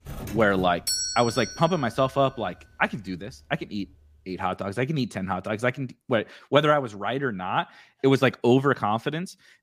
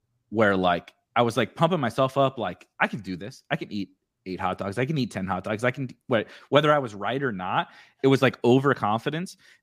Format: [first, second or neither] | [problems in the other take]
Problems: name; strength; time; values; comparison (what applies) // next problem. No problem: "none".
second | doorbell; noticeable; until 1.5 s; peak level with the speech